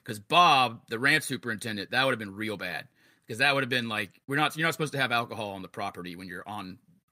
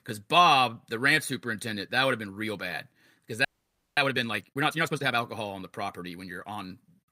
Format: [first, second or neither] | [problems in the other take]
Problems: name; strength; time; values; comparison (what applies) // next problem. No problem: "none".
first | audio freezing; at 3.5 s for 0.5 s